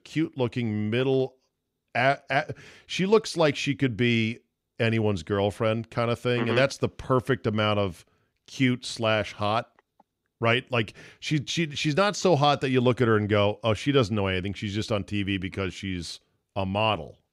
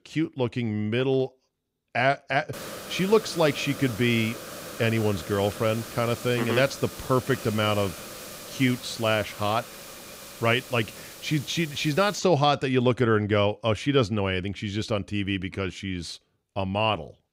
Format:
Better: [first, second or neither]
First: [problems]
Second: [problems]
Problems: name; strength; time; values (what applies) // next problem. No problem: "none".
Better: first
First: none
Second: hiss; noticeable; from 2.5 to 12 s; 15 dB below the speech